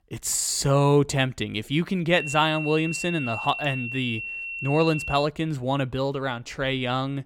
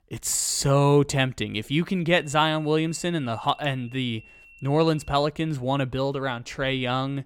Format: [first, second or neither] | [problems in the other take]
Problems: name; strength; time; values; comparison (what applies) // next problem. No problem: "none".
second | high-pitched whine; loud; from 2 to 5 s; 2.5 kHz, 6 dB below the speech; faint in the second